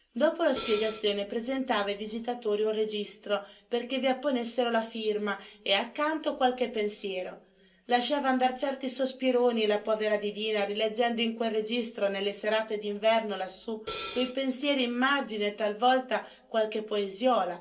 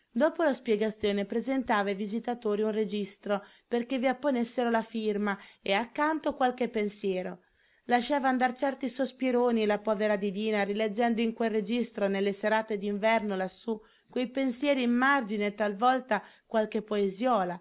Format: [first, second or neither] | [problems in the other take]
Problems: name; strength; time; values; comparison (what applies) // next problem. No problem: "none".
second | background sound (Hi-hat); 9 dB below the speech // room echo; dies away in 0.2 s